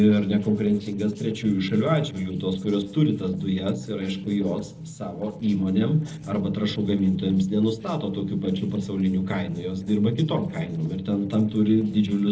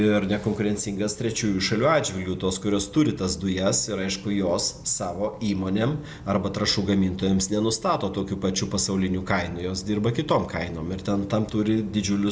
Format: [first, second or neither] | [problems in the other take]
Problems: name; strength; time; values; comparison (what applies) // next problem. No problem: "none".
second | noise reduction (neural separator model SepFormer DNS4)